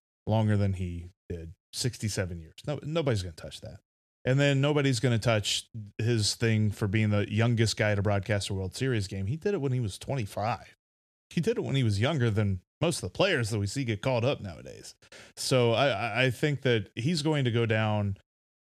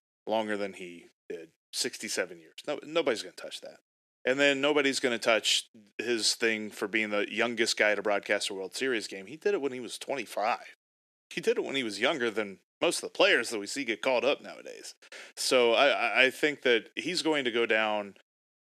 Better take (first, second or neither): first